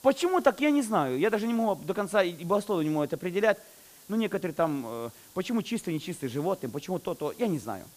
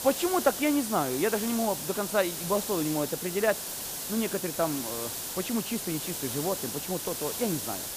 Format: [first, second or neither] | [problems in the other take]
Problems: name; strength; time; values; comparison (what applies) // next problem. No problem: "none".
first | hiss; loud; throughout; 3 dB below the speech; faint in the first